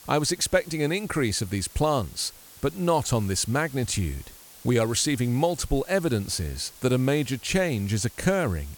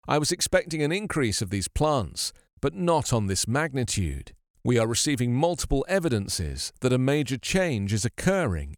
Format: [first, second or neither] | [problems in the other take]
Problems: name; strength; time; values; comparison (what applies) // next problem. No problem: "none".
second | hiss; noticeable; throughout; 20 dB below the speech